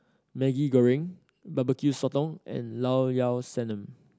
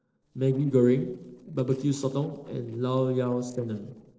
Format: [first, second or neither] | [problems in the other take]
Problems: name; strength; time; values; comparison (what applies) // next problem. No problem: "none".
first | noise reduction (neural separator model SepFormer DNS4)